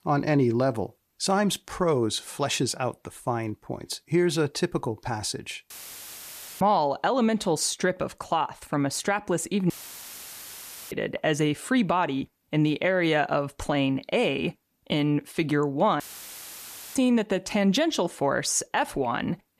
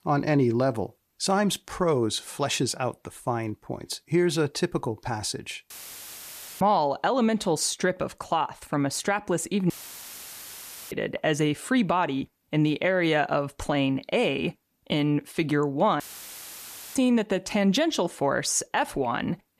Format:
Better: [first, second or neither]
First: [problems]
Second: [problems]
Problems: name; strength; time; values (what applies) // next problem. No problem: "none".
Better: neither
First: audio cutting out; filled with static; at 5.5 s for 1 s, at 9.5 s for 1 s and at 16 s for 1 s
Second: audio cutting out; filled with static; at 5.5 s for 1 s, at 9.5 s for 1 s and at 16 s for 1 s